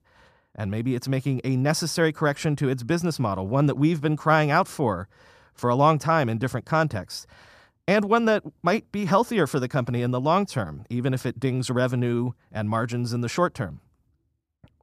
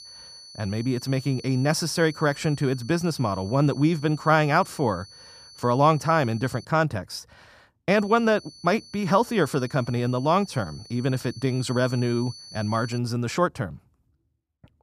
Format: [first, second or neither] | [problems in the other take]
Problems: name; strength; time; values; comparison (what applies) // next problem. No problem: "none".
first | high-pitched whine; noticeable; until 6.5 s and from 8 to 13 s; 4.5 kHz, 20 dB below the speech